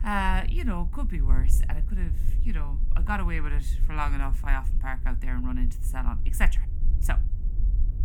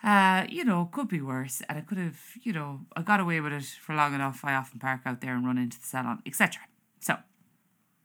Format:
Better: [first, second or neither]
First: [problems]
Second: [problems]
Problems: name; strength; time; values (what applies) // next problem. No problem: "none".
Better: second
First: wind noise on the microphone; occasional gusts; 15 dB below the speech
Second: none